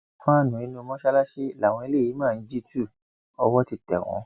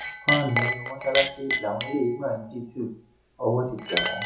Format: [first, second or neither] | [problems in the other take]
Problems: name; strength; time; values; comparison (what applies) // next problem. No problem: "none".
first | background sound (Chink, clink); 2 dB below the speech // room echo; dies away in 0.6 s